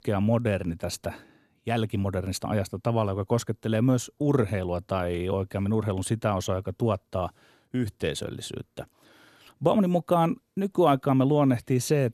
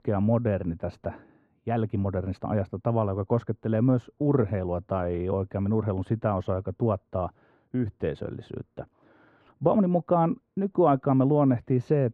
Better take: first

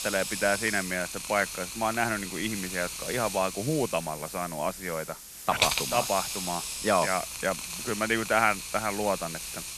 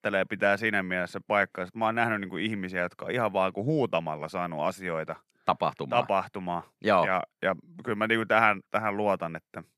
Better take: second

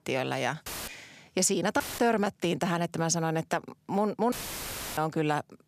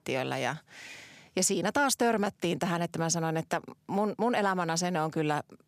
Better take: second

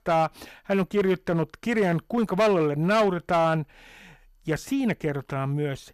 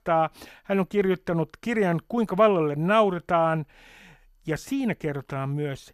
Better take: second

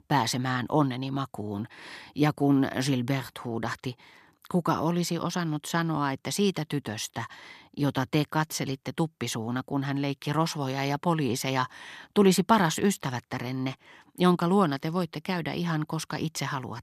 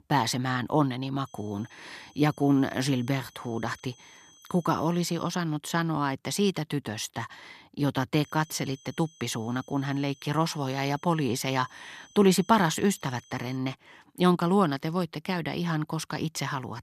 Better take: first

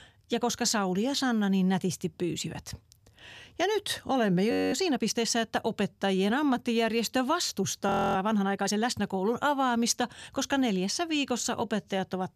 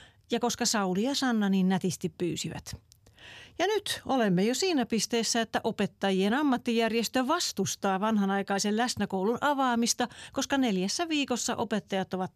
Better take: second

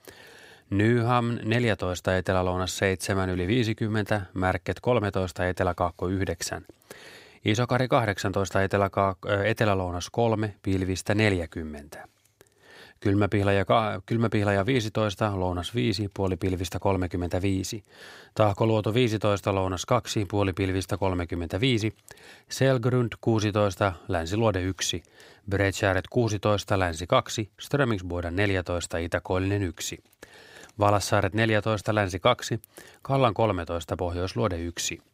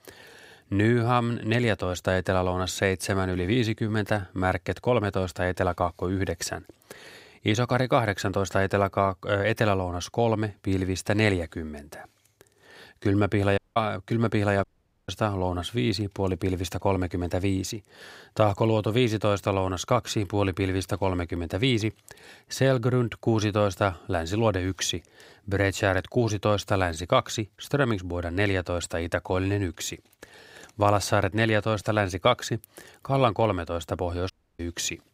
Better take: first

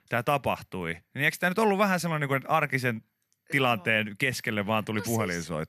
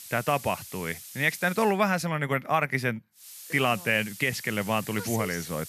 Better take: first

